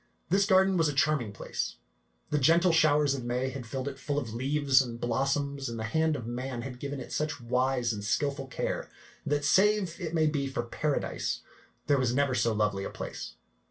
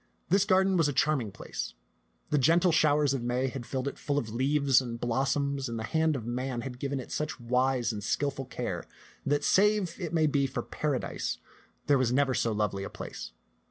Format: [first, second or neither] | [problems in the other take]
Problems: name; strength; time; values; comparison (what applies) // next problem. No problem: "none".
second | room echo; dies away in 0.2 s